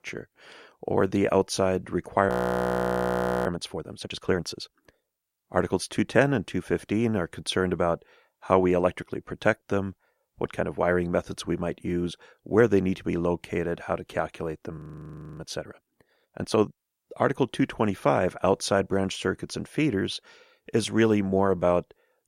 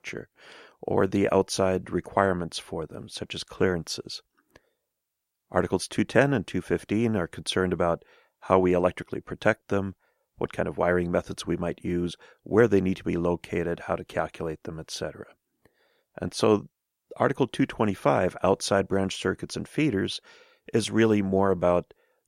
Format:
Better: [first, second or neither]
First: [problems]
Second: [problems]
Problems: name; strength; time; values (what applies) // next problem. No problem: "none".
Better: second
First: audio freezing; at 2.5 s for 1 s and at 15 s for 0.5 s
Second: none